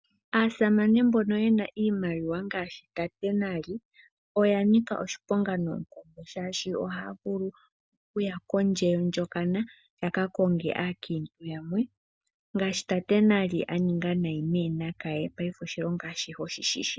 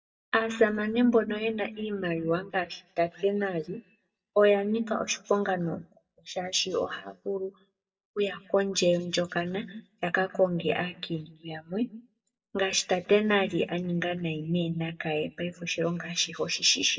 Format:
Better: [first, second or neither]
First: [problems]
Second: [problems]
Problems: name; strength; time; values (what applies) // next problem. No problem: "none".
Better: first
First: none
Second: noise reduction (neural mask model DeepFilterNet 3)